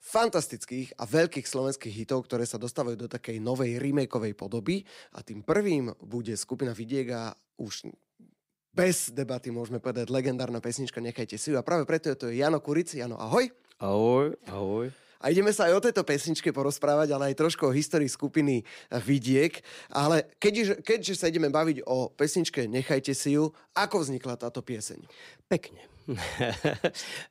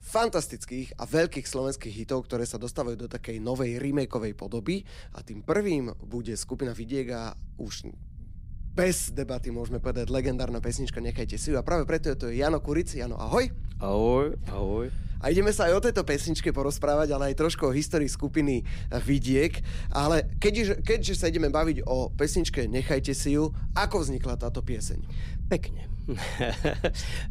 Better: first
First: none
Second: low rumble; faint; throughout; 25 dB below the speech

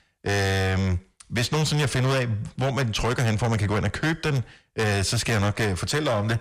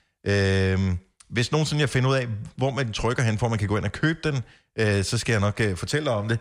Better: second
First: distortion; heavy; 23% of the sound clipped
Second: none

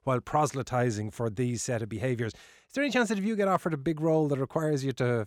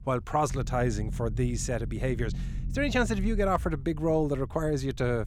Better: first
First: none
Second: low rumble; faint; throughout; 20 dB below the speech

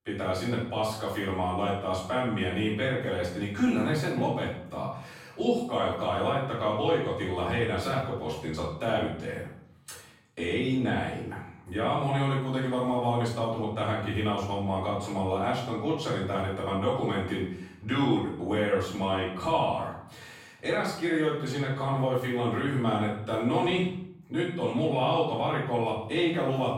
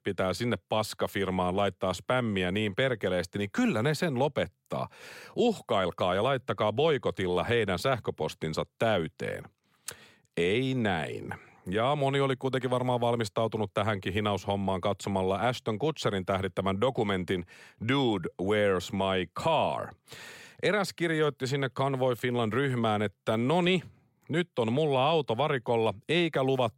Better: second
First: off-mic speech; far // room echo; noticeable; dies away in 0.6 s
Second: none

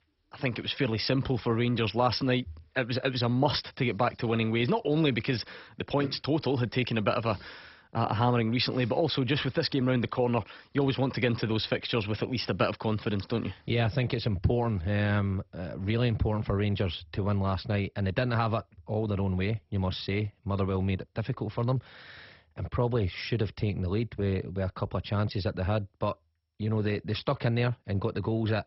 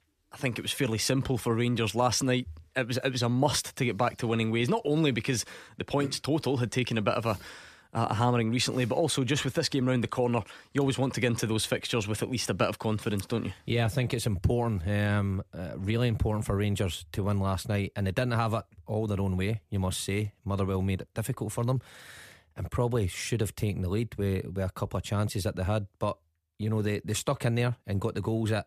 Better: second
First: garbled, watery; badly; nothing above 5.5 kHz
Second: none

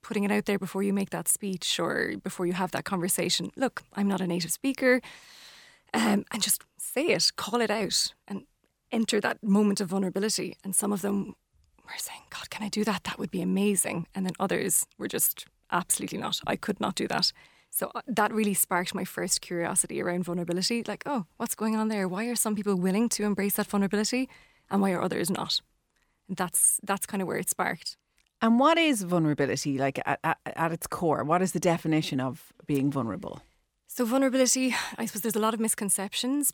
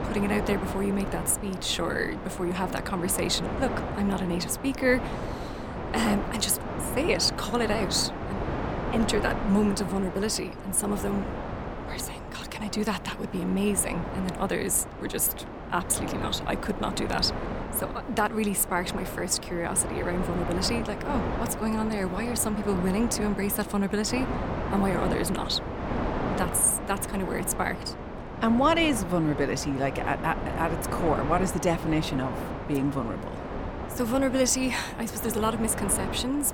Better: first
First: none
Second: wind noise on the microphone; heavy; 6 dB below the speech

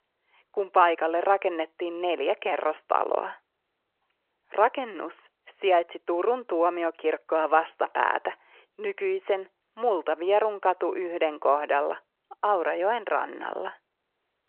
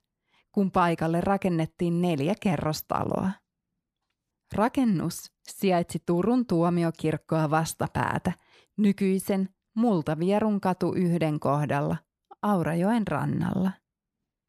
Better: second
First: phone-call audio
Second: none

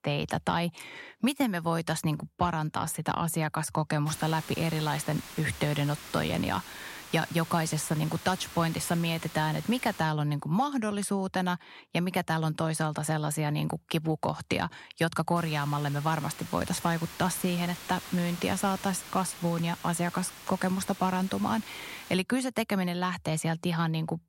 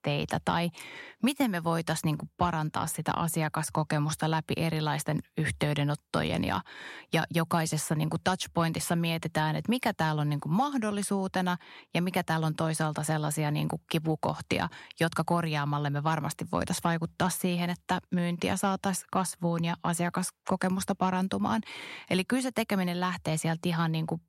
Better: second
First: hiss; noticeable; from 4 to 10 s and from 15 to 22 s; 15 dB below the speech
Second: none

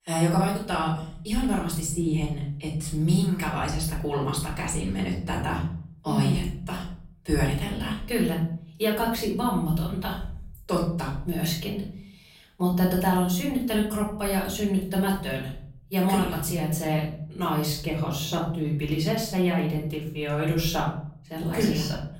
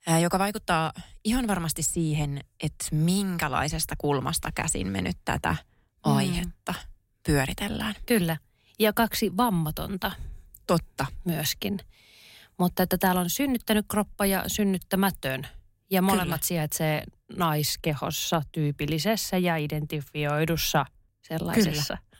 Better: second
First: off-mic speech; far // room echo; noticeable; dies away in 0.6 s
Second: none

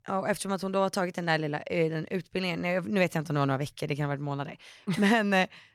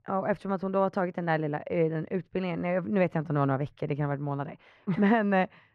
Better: first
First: none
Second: muffled; very; fading above 4 kHz

